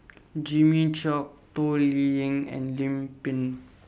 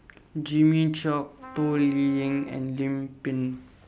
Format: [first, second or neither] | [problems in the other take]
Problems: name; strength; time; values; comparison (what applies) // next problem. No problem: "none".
first | background sound (Trumpet); 20 dB below the speech